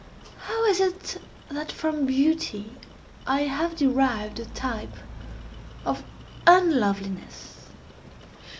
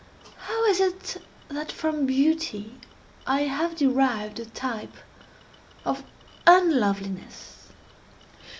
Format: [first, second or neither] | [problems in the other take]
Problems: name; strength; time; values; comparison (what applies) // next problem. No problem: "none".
second | background sound (Rain); 17 dB below the speech